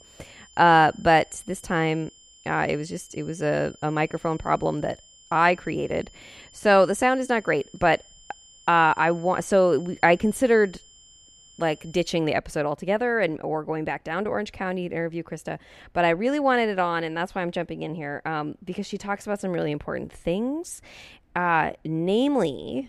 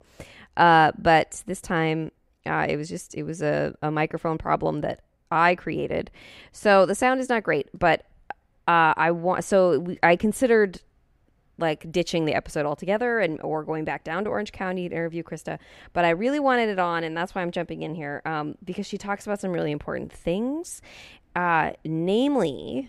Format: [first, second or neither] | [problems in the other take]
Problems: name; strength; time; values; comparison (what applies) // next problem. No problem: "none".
second | high-pitched whine; faint; until 12 s; 3 kHz, 25 dB below the speech